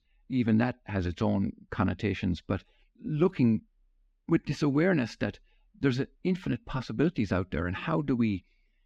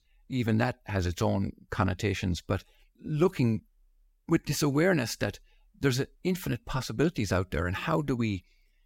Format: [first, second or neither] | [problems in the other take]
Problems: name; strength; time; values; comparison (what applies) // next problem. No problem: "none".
second | muffled; very slightly; fading above 3 kHz